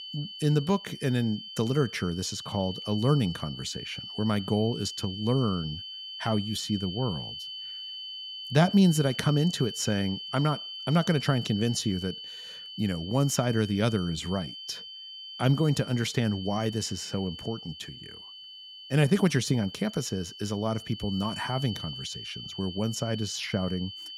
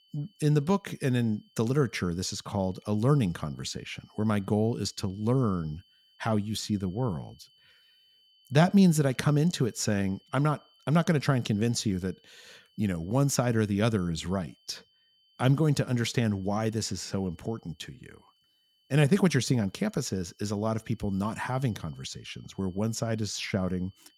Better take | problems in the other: second | high-pitched whine; loud; throughout; 3 kHz, 10 dB below the speech; faint in the second

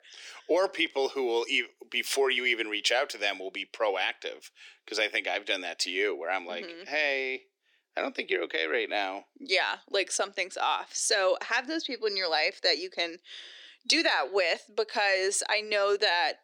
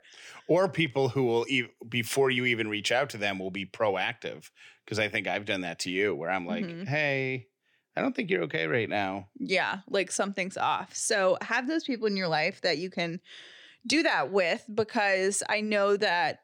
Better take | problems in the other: second | thin; somewhat; fading below 300 Hz

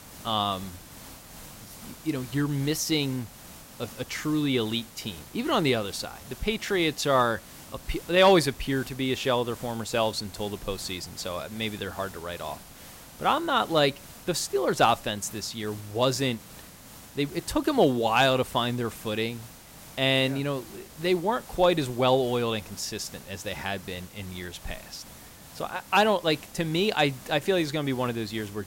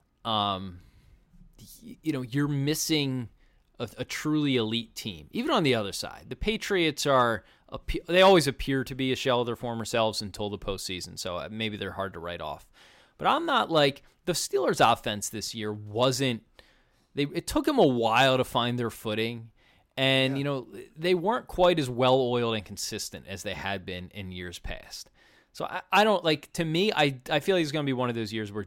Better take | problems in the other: second | hiss; noticeable; throughout; 20 dB below the speech

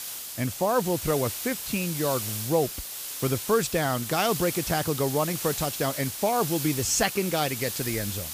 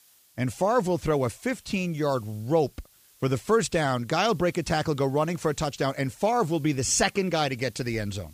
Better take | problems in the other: second | hiss; loud; throughout; 5 dB below the speech; faint in the second

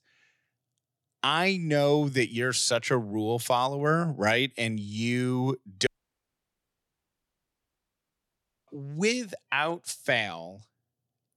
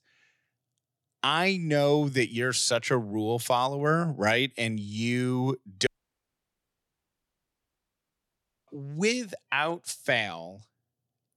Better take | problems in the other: neither | audio cutting out; at 6 s for 3 s; the same in both

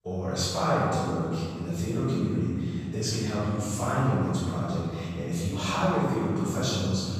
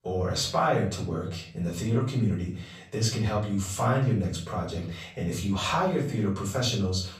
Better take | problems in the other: second | room echo; strong; dies away in 2.4 s; slight in the second // off-mic speech; far; far in the second

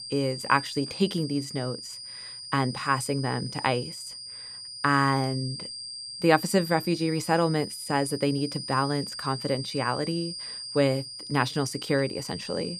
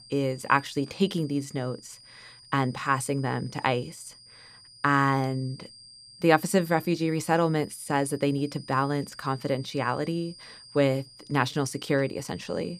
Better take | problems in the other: second | high-pitched whine; loud; throughout; 5 kHz, 9 dB below the speech; faint in the second

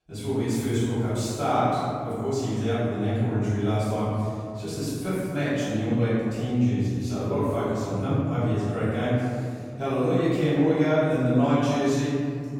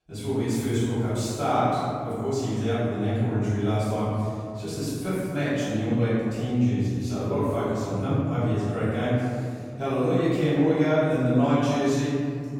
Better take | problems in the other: neither | off-mic speech; far; the same in both // room echo; strong; dies away in 2.3 s; the same in both

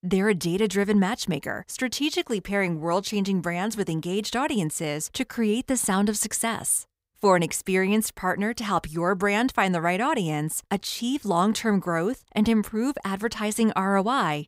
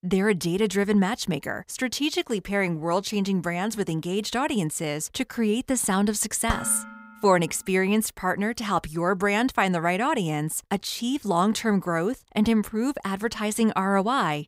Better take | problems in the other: first | clattering dishes; noticeable; at 6.5 s; peak 7 dB below the speech

